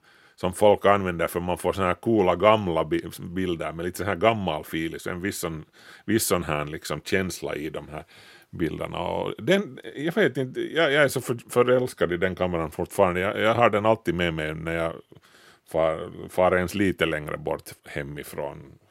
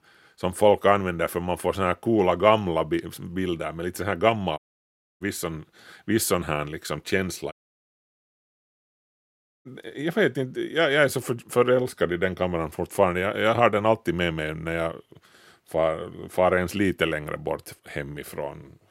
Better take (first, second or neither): first